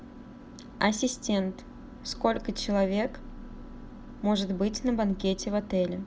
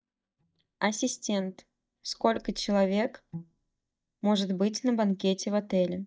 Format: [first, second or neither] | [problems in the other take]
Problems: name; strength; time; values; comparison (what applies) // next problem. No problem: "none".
first | noise reduction (neural mask model DeepFilterNet 3)